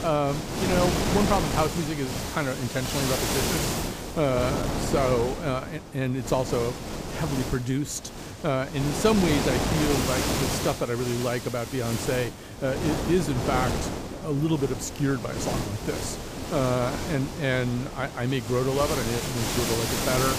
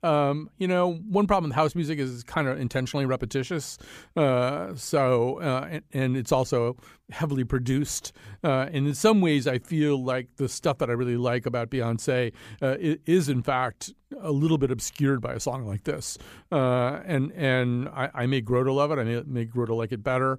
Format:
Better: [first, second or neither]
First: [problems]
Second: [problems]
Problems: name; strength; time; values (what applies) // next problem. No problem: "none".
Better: second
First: wind noise on the microphone; heavy; 2 dB below the speech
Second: none